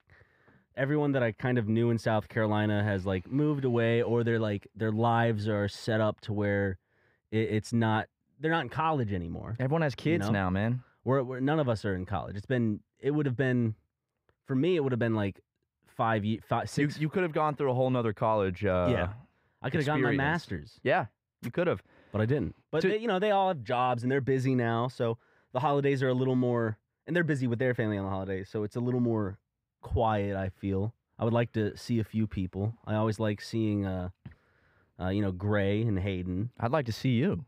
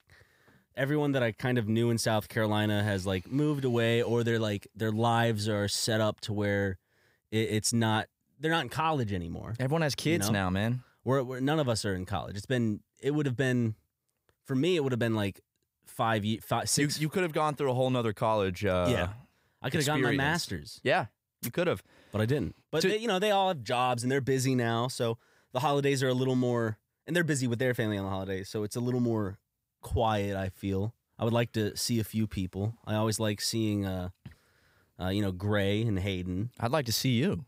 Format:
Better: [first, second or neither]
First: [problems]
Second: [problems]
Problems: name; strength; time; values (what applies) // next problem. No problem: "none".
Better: second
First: muffled; slightly; fading above 4 kHz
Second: none